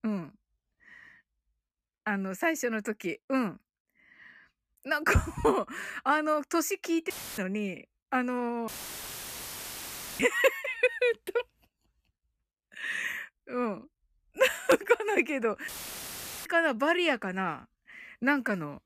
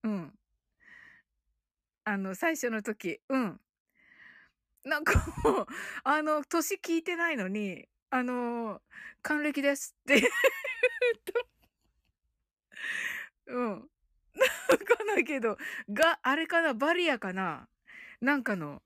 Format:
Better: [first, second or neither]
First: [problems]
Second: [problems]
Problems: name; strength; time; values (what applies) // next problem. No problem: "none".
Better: second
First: audio cutting out; filled with static; at 7 s, at 8.5 s for 1.5 s and at 16 s for 1 s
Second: none